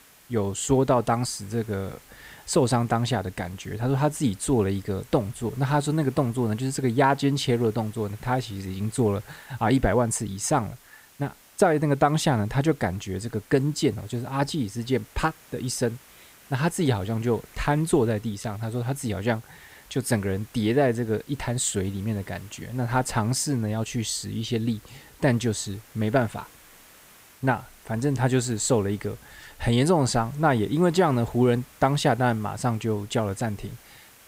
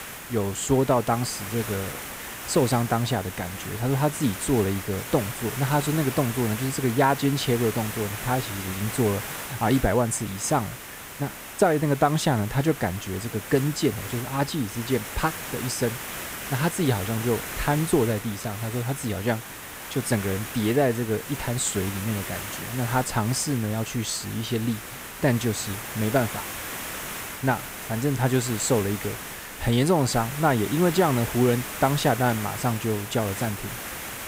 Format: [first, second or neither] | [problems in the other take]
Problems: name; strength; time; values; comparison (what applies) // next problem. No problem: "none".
first | hiss; loud; throughout; 8 dB below the speech; faint in the first